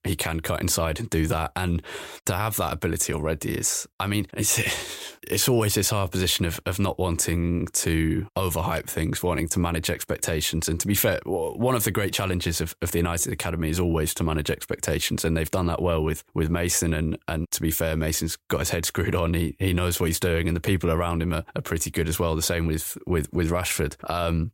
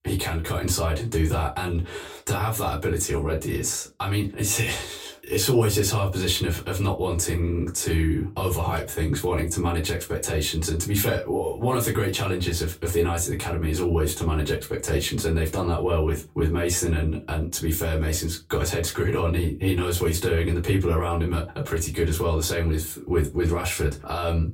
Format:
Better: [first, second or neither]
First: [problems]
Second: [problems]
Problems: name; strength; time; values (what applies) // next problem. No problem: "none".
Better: first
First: none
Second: off-mic speech; far // room echo; very slight; dies away in 0.2 s